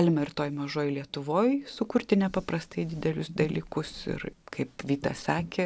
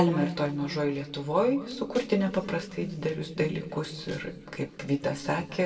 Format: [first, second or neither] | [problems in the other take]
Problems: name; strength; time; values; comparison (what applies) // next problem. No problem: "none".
first | noise reduction (neural separator model SepFormer DNS4)